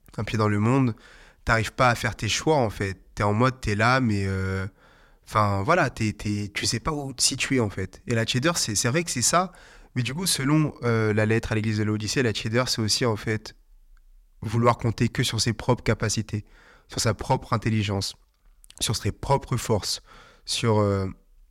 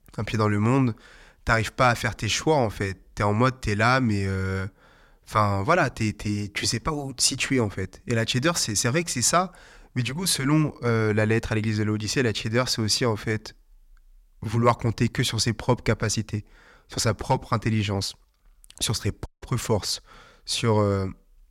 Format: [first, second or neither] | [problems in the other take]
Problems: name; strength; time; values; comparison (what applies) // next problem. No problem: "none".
first | audio cutting out; at 19 s